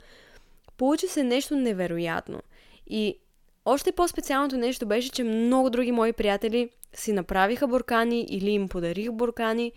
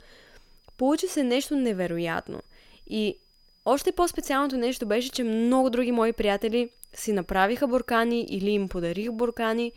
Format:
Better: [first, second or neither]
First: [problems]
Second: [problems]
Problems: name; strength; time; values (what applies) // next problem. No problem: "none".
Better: first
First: none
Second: high-pitched whine; faint; throughout; 5 kHz, 35 dB below the speech